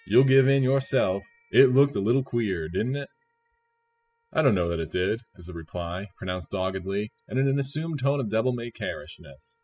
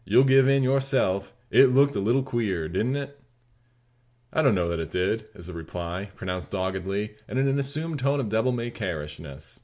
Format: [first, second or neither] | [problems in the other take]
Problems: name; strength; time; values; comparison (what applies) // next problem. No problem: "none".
second | noise reduction (classical method spectral subtraction)